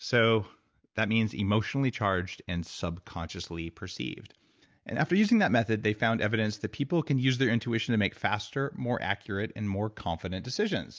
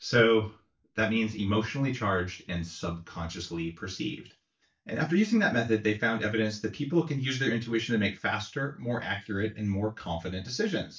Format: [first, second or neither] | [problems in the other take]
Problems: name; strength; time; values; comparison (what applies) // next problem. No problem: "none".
first | noise reduction (neural mask model DeepFilterNet 3)